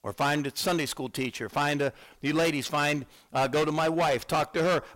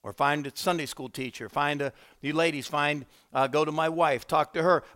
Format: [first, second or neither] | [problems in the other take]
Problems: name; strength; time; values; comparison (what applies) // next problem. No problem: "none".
second | distortion; heavy; 13% of the sound clipped